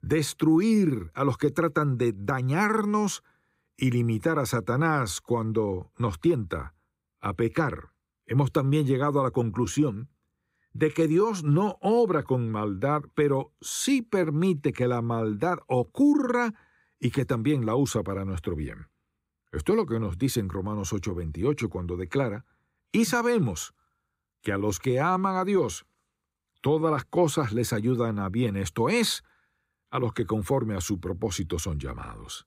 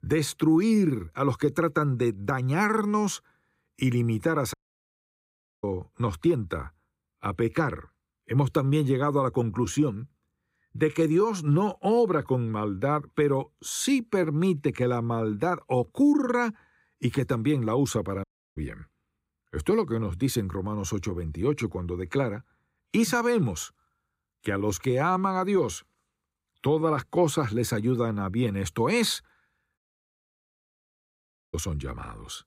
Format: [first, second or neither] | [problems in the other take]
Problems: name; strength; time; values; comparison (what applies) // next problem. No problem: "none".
first | audio cutting out; at 4.5 s for 1 s, at 18 s and at 30 s for 2 s